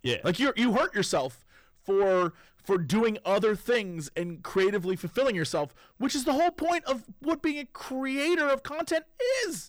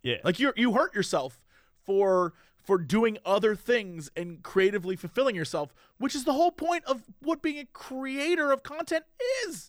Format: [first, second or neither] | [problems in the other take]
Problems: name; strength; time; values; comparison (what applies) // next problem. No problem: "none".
second | distortion; slight; 10 dB below the speech